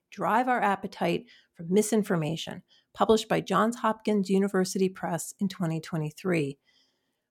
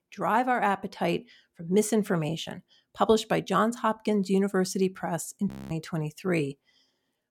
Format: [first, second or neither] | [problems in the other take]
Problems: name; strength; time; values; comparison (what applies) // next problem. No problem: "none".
first | audio freezing; at 5.5 s